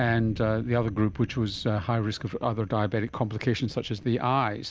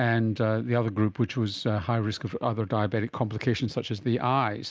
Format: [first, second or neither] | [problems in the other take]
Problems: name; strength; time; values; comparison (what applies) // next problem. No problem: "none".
second | background sound (Thunder); 17 dB below the speech